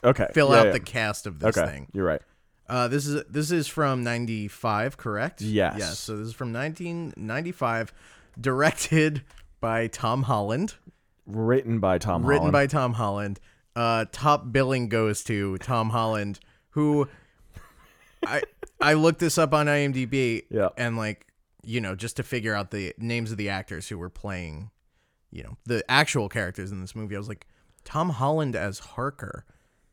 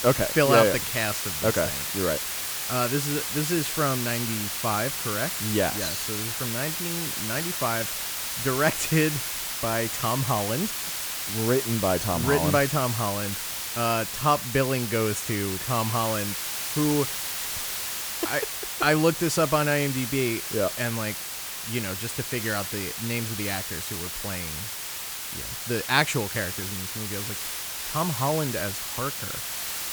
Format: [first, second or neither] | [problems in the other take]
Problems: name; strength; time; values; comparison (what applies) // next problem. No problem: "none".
first | hiss; loud; throughout; 2 dB below the speech